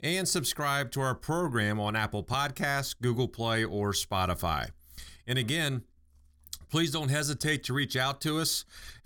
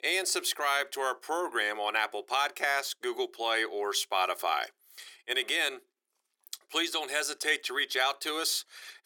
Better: first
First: none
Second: thin; very; fading below 350 Hz

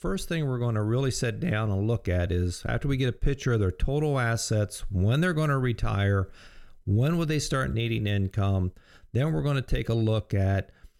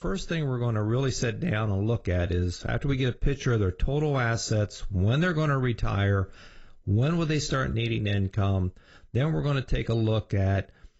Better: first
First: none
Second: garbled, watery; badly; nothing above 7.5 kHz

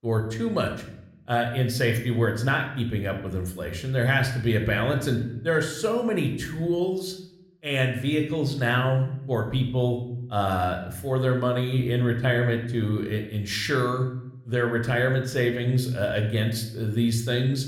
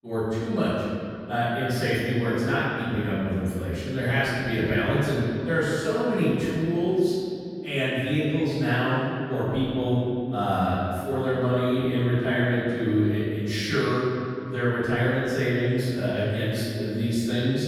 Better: first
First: room echo; slight; dies away in 0.6 s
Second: room echo; strong; dies away in 2.5 s // off-mic speech; far

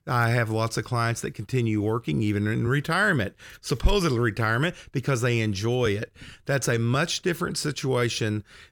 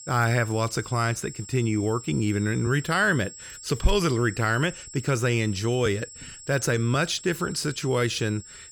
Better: first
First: none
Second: high-pitched whine; noticeable; throughout; 7.5 kHz, 15 dB below the speech

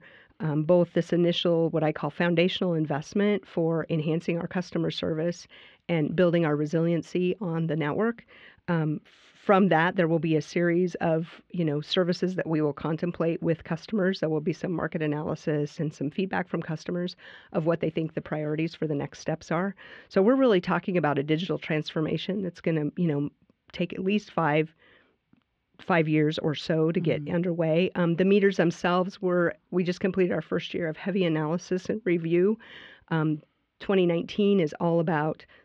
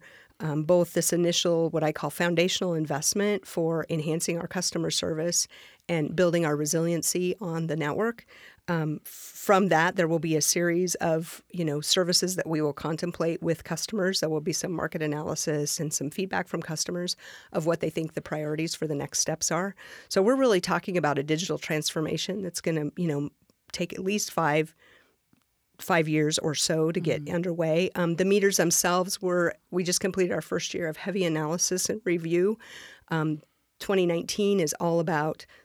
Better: second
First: muffled; very; fading above 3 kHz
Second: none

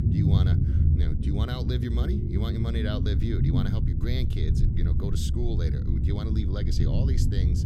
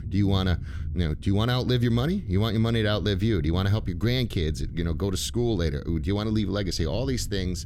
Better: second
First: low rumble; loud; throughout; 1 dB below the speech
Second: low rumble; faint; throughout; 20 dB below the speech

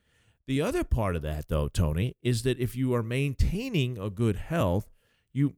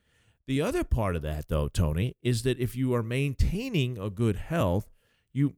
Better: neither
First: none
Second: none

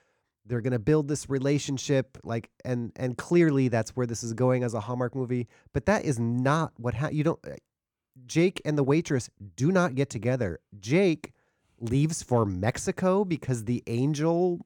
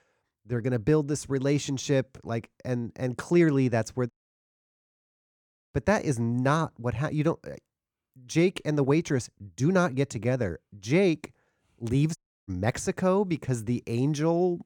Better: first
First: none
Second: audio cutting out; at 4 s for 1.5 s and at 12 s

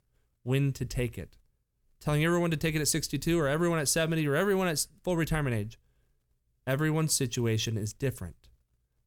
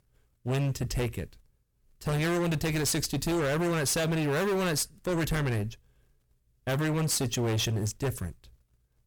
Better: first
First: none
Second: distortion; heavy; 24% of the sound clipped

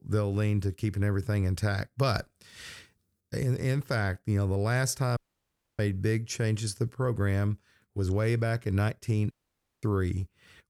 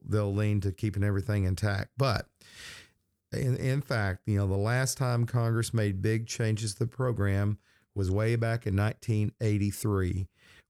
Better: second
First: audio cutting out; at 5 s for 0.5 s and at 9.5 s for 0.5 s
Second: none

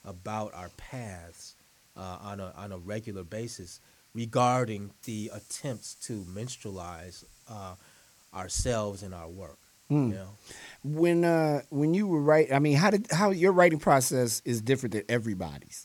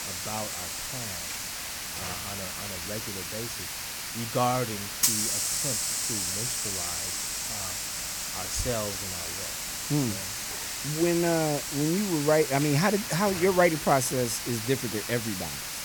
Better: first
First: hiss; faint; throughout; 30 dB below the speech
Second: hiss; loud; throughout; 2 dB below the speech

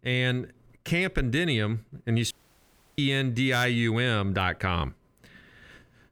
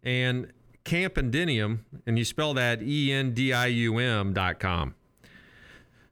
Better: second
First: audio cutting out; at 2.5 s for 0.5 s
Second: none

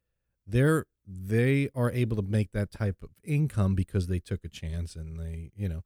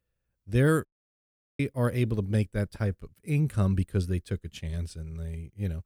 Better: first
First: none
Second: audio cutting out; at 1 s for 0.5 s

